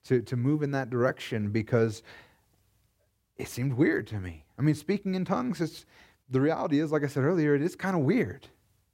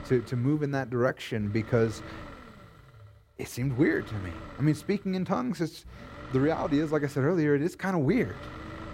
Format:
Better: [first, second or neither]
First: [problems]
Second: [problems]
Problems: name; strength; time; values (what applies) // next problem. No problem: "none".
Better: first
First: none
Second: low rumble; noticeable; throughout; 15 dB below the speech